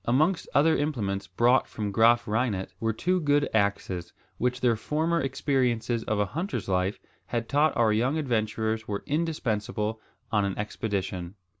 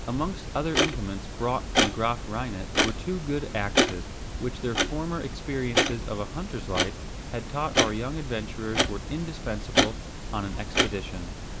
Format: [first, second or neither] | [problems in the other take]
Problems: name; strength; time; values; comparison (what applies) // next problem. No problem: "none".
first | background sound (Clock); 3 dB above the speech